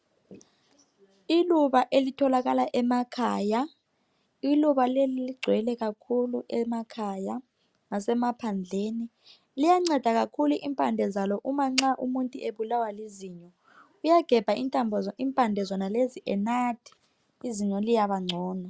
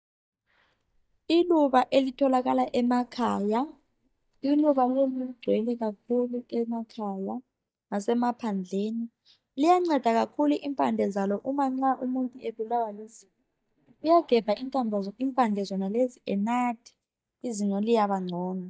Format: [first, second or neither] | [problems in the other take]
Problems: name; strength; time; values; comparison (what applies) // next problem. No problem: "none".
first | noise reduction (neural mask model DeepFilterNet 3)